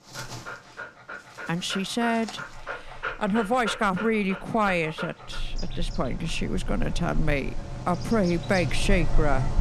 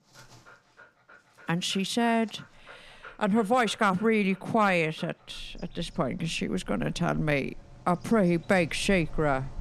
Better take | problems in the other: second | animal sounds; loud; throughout; 8 dB below the speech; faint in the second

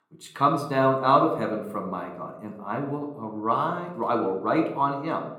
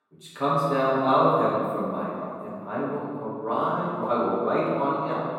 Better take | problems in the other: first | room echo; strong; dies away in 2 s; slight in the first // off-mic speech; far

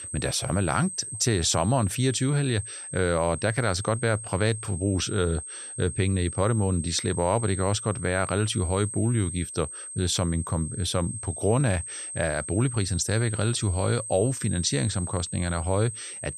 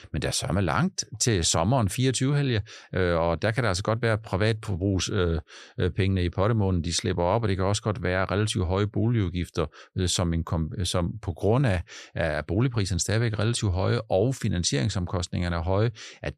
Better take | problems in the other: second | high-pitched whine; loud; throughout; 8.5 kHz, 8 dB below the speech

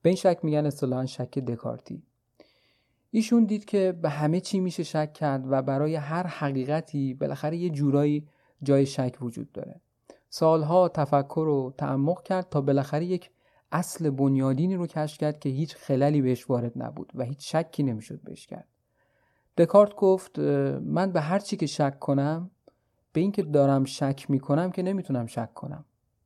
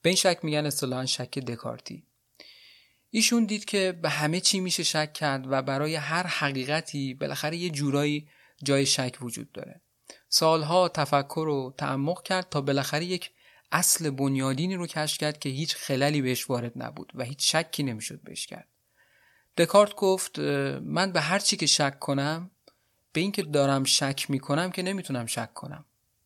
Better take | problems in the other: second | muffled; very; fading above 1.5 kHz

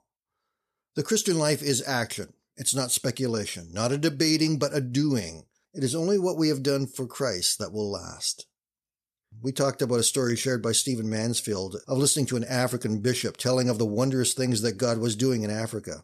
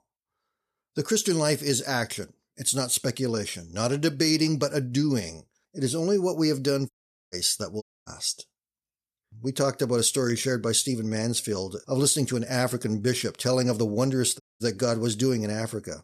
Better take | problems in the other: first | audio cutting out; at 7 s, at 8 s and at 14 s

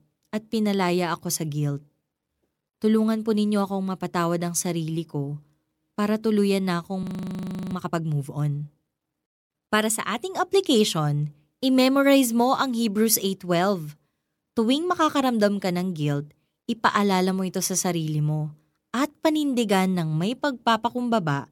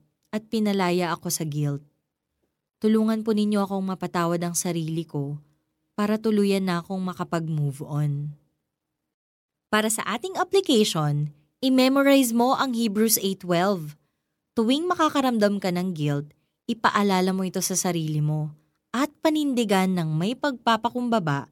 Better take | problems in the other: second | audio freezing; at 7 s for 0.5 s

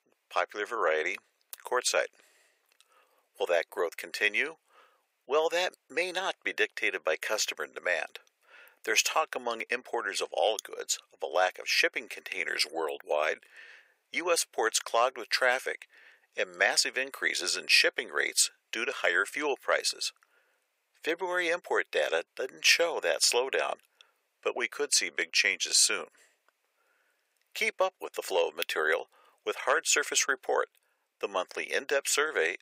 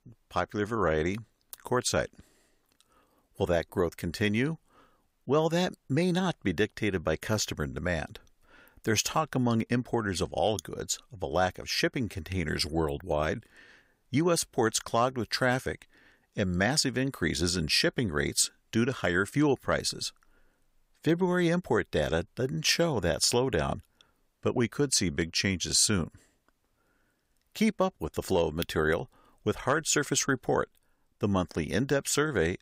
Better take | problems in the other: second | thin; very; fading below 500 Hz

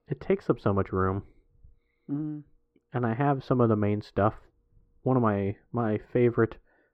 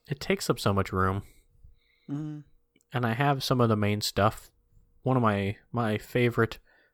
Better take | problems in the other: second | muffled; very; fading above 4 kHz

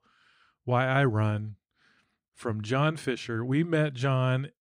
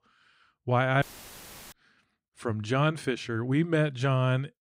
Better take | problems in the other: first | audio cutting out; filled with static; at 1 s for 0.5 s

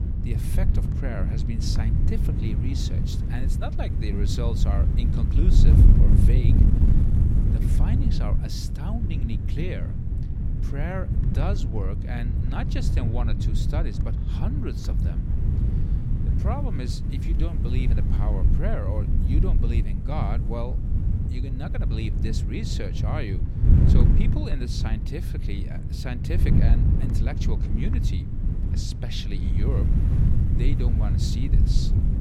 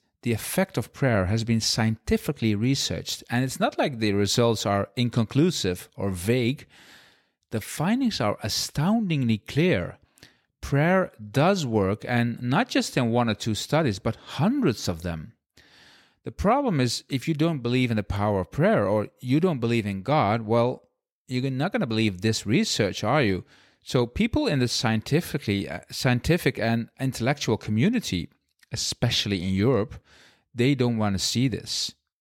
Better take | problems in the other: second | wind noise on the microphone; heavy; as loud as the speech

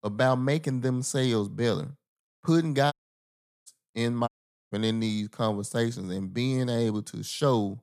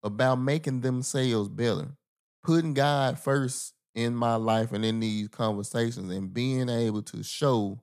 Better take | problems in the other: second | audio cutting out; at 3 s for 0.5 s and at 4.5 s

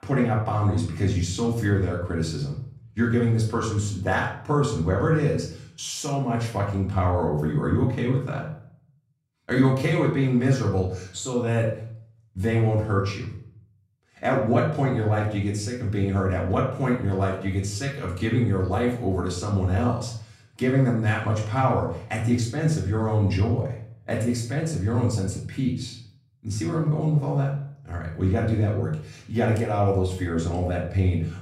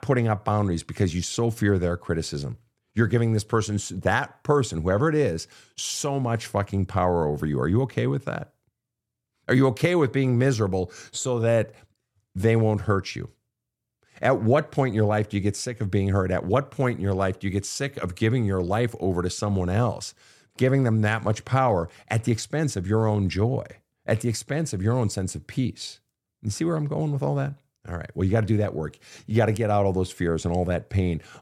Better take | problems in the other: second | off-mic speech; far // room echo; noticeable; dies away in 0.5 s

